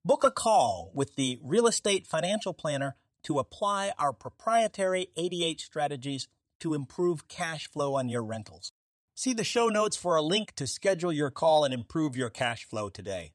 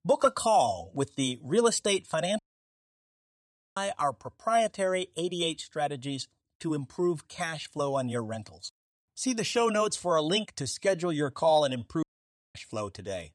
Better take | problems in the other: first | audio cutting out; at 2.5 s for 1.5 s and at 12 s for 0.5 s

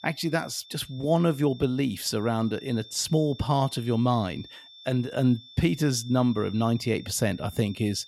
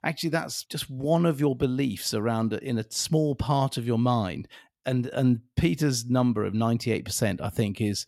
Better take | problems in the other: second | high-pitched whine; noticeable; throughout; 3.5 kHz, 20 dB below the speech

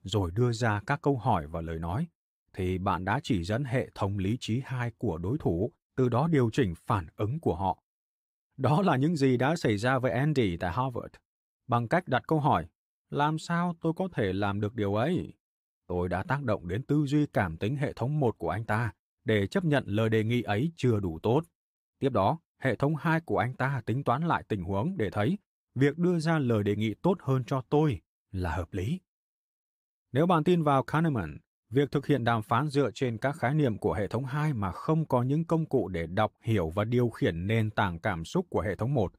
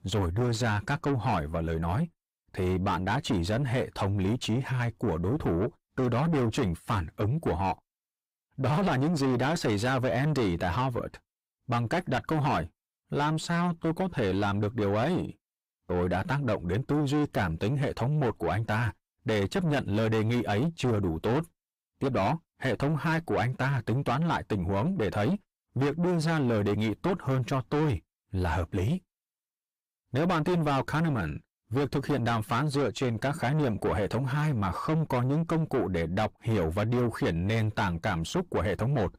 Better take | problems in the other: first | distortion; heavy; 6 dB below the speech

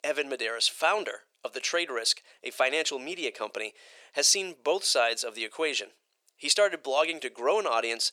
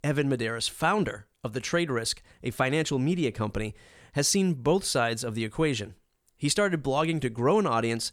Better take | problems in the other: second | thin; very; fading below 400 Hz

